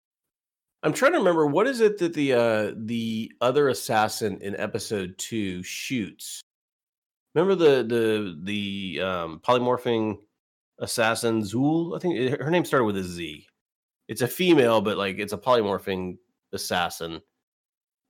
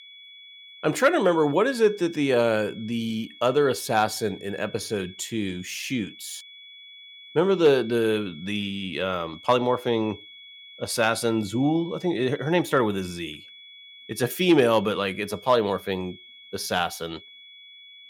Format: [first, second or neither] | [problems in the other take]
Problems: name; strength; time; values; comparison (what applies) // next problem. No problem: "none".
first | high-pitched whine; noticeable; throughout; 3.5 kHz, 20 dB below the speech